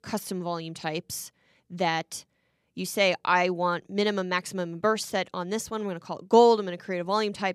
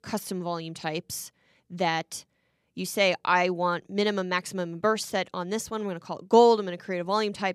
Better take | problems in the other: neither | none

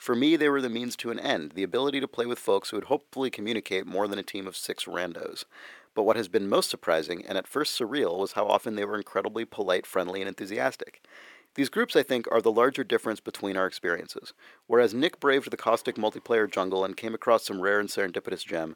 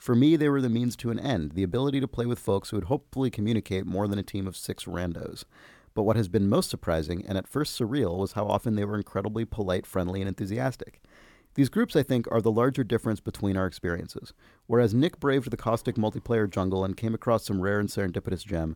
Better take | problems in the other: second | thin; somewhat; fading below 400 Hz

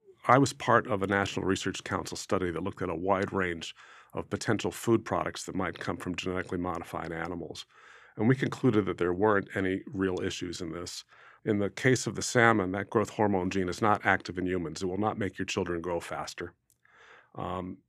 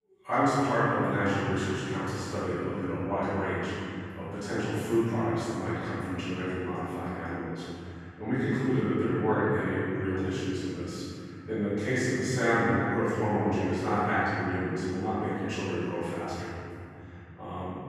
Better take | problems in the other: first | off-mic speech; far // room echo; strong; dies away in 3 s

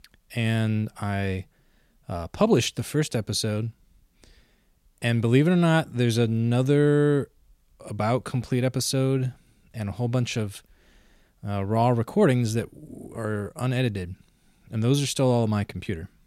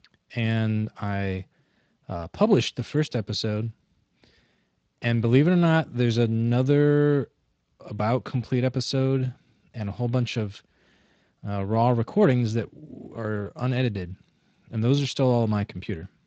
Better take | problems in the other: first | garbled, watery; slightly; nothing above 7.5 kHz

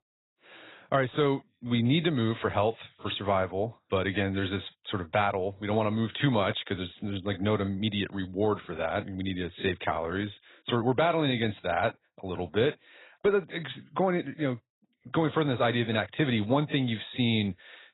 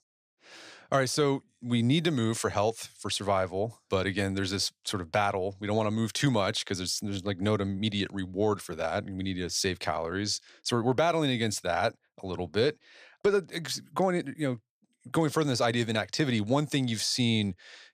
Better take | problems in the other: second | garbled, watery; badly; nothing above 4 kHz

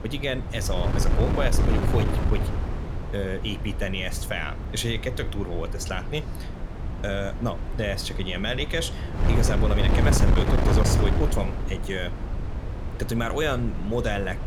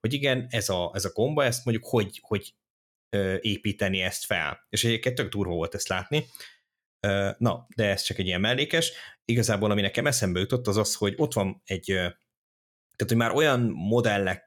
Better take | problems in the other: second | wind noise on the microphone; heavy; 5 dB below the speech

